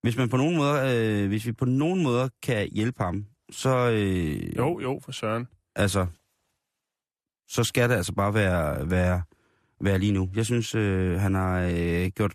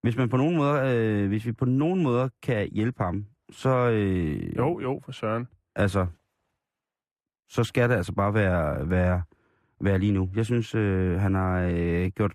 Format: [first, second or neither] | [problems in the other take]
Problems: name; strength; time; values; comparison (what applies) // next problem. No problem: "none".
first | muffled; slightly; fading above 3 kHz